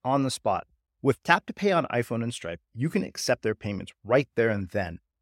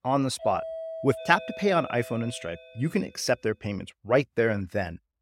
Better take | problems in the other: first | doorbell; noticeable; until 3 s; peak 8 dB below the speech

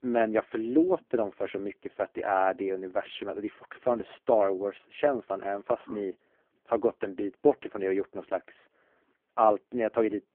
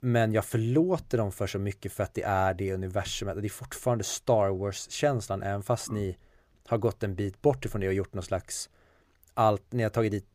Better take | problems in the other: second | phone-call audio; poor line; nothing above 3.5 kHz

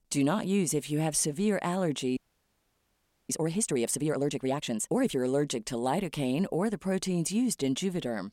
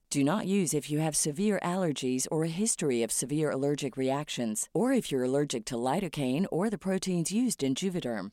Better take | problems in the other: second | audio freezing; at 2 s for 1 s

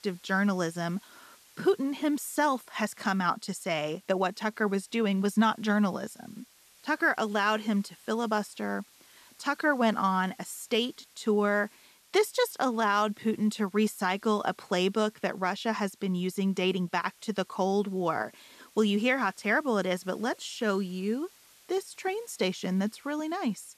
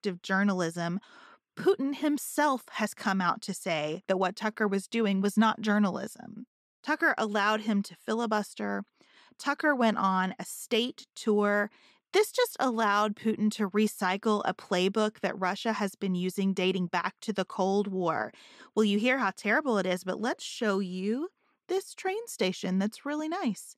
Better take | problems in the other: second | hiss; faint; throughout; 25 dB below the speech

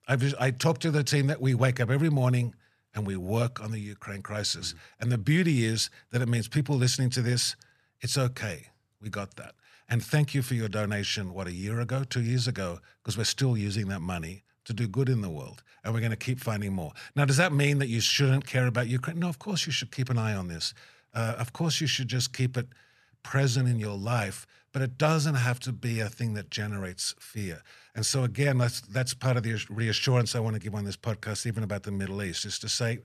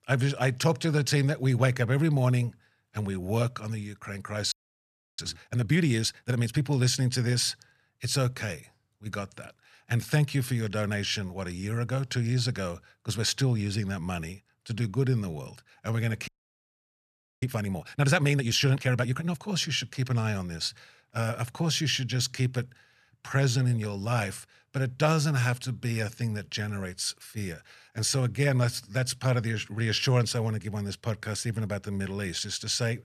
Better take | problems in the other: first | audio freezing; at 4.5 s for 0.5 s and at 16 s for 1 s

